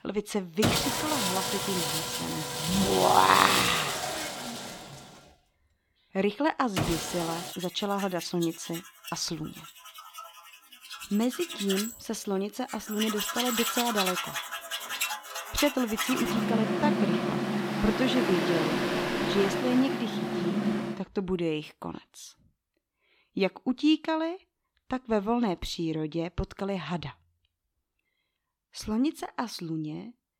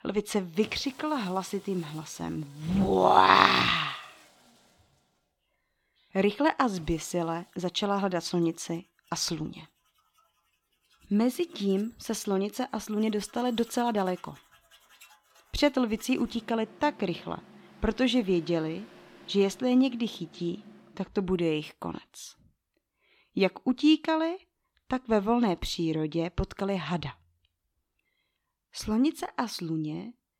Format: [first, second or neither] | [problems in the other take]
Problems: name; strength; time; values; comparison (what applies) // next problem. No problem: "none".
second | machinery noise; loud; until 21 s; as loud as the speech; faint in the second